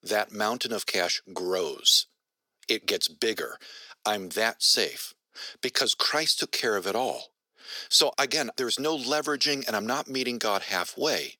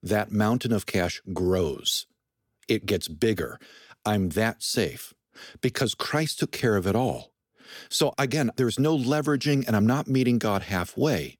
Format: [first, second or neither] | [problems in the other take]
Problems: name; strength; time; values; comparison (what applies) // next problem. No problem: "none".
second | thin; somewhat; fading below 500 Hz